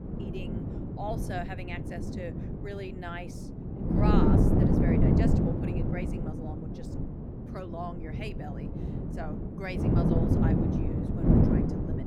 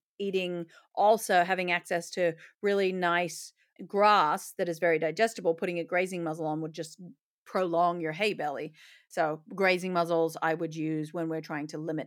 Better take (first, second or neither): second